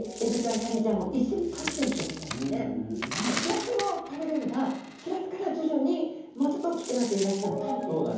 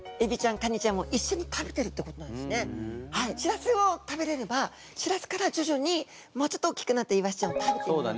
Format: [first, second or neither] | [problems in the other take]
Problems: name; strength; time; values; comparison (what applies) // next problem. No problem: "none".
second | background sound (Coin (dropping)); 11 dB below the speech // room echo; dies away in 0.9 s